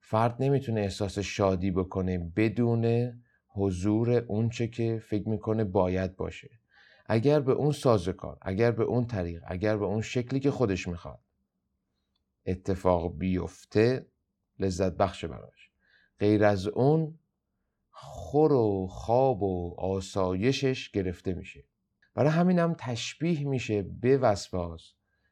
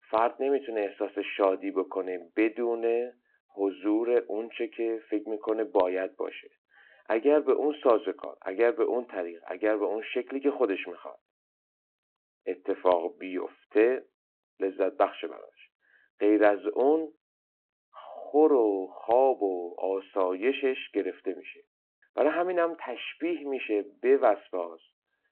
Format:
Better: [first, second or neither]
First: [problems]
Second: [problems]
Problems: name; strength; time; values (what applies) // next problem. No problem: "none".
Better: first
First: none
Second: phone-call audio